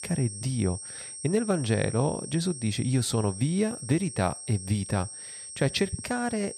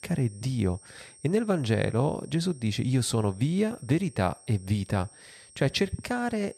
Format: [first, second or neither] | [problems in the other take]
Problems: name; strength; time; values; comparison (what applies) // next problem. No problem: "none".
second | high-pitched whine; loud; throughout; 8.5 kHz, 10 dB below the speech; faint in the second